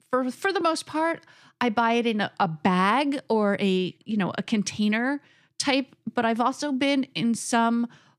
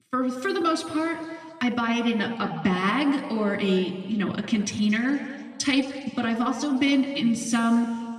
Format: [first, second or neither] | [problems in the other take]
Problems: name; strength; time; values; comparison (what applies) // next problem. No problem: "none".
first | room echo; noticeable; dies away in 1.6 s // off-mic speech; somewhat distant